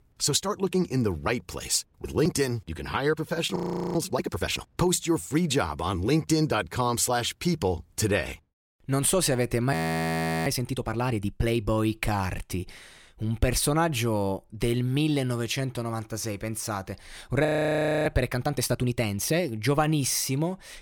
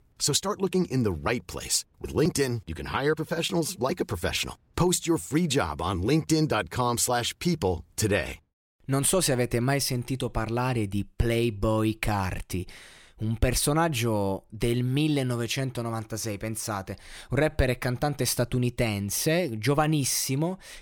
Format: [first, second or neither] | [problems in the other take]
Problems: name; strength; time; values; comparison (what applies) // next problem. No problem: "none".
second | audio freezing; at 3.5 s, at 9.5 s for 0.5 s and at 17 s for 0.5 s